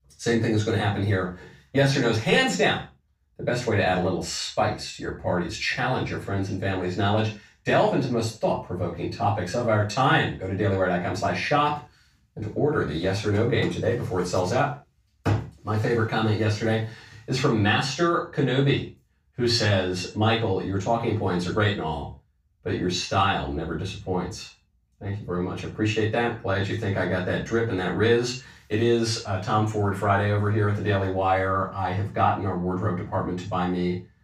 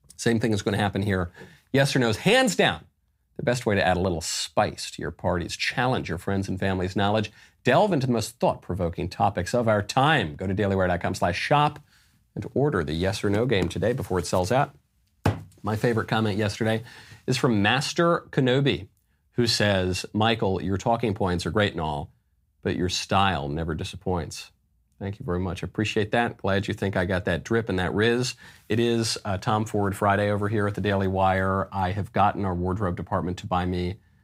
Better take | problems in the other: second | room echo; noticeable; dies away in 0.3 s // off-mic speech; far

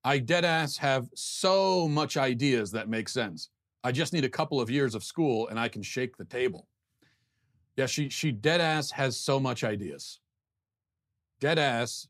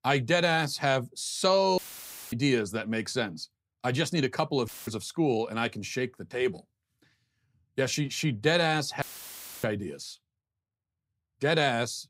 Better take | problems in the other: first | audio cutting out; filled with static; at 2 s for 0.5 s, at 4.5 s and at 9 s for 0.5 s

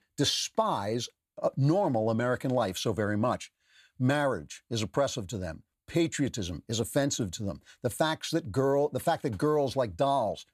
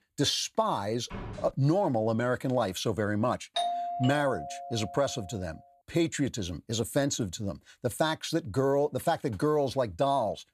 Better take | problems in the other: first | door banging; faint; at 1 s; peak 10 dB below the speech // doorbell; noticeable; from 3.5 to 5 s; peak 1 dB below the speech

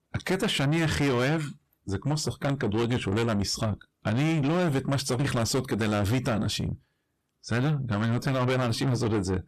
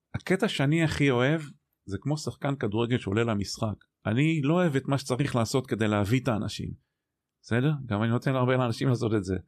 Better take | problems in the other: second | distortion; heavy; 6 dB below the speech

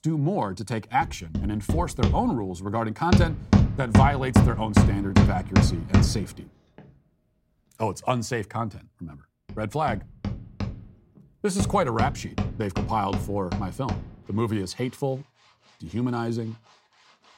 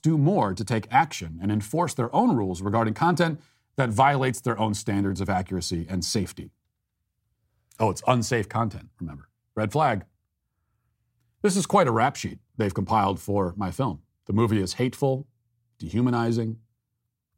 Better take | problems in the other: second | machinery noise; very loud; throughout; 3 dB above the speech

